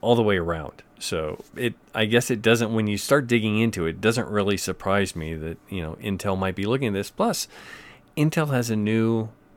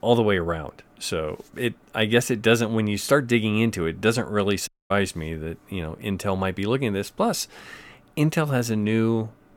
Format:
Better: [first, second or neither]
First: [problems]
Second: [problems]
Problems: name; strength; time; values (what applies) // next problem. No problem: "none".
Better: first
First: none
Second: audio cutting out; at 4.5 s